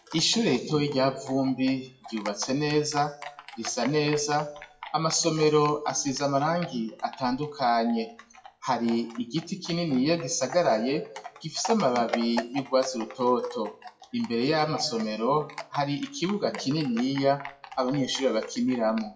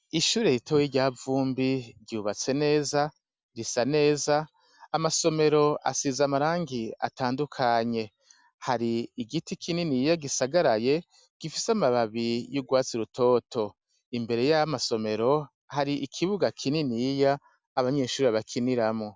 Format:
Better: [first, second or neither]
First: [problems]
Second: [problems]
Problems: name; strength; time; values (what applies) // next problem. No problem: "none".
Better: second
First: noise reduction (classical method WPE with log-MMSE)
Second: none